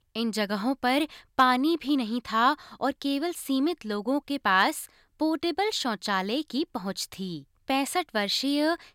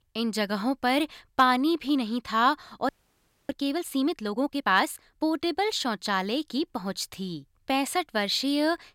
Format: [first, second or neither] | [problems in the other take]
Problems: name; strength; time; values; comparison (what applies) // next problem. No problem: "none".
first | audio freezing; at 3 s for 0.5 s